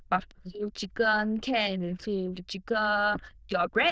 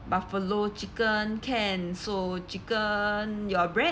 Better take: second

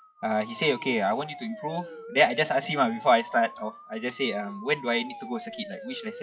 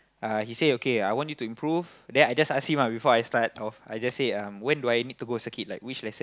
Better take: second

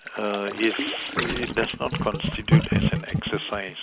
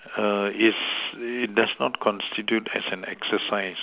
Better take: second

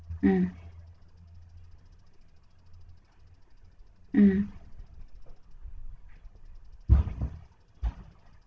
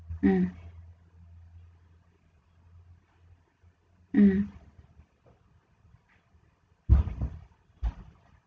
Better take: second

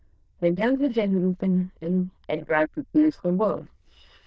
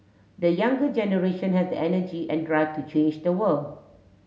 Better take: second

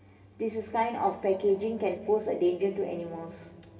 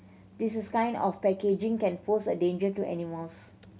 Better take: second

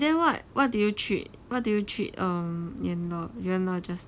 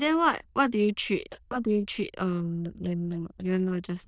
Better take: first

